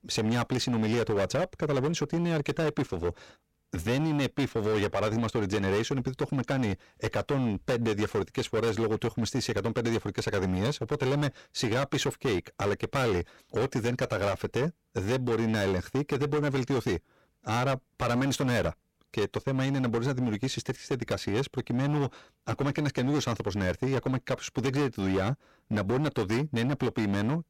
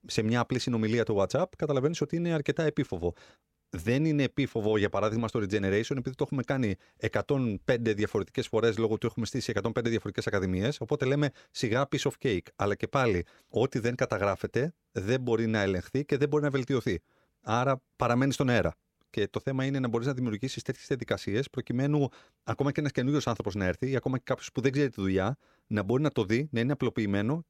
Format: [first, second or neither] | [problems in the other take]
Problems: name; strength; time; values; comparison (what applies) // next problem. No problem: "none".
second | distortion; heavy; 18% of the sound clipped